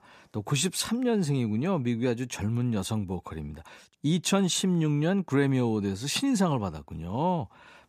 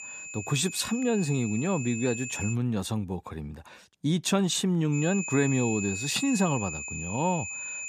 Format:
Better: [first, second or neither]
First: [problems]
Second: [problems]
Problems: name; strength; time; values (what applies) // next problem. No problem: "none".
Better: first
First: none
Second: high-pitched whine; loud; until 2.5 s and from 5 s on; 2.5 kHz, 7 dB below the speech